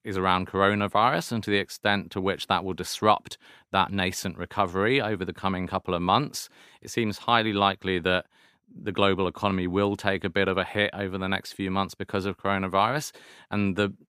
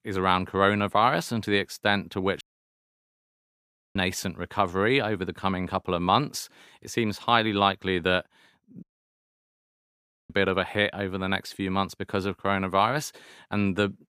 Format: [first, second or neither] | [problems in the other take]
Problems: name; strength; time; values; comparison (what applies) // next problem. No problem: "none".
first | audio cutting out; at 2.5 s for 1.5 s and at 9 s for 1.5 s